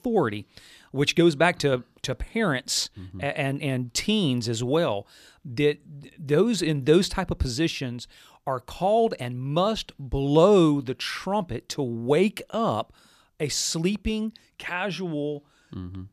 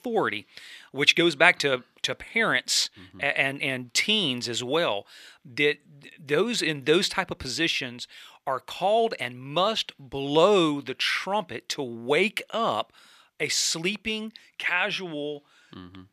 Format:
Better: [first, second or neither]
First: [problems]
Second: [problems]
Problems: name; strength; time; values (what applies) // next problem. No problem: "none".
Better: first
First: none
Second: thin; somewhat; fading below 450 Hz